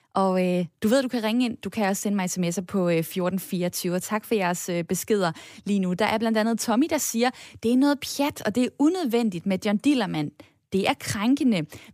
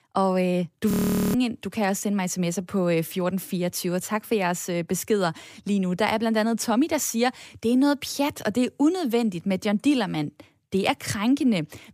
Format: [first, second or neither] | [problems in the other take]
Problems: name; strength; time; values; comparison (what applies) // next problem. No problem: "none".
first | audio freezing; at 1 s